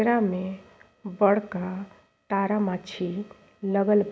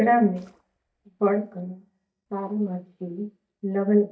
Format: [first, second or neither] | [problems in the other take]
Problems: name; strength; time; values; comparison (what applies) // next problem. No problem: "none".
first | noise reduction (neural mask model DeepFilterNet 3)